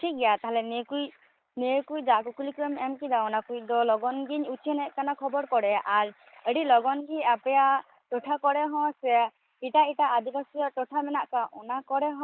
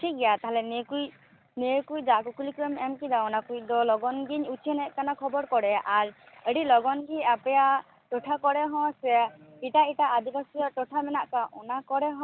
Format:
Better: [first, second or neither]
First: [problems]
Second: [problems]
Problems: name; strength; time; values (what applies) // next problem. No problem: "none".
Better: second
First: noise reduction (neural mask model Resemble Enhance denoiser)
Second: none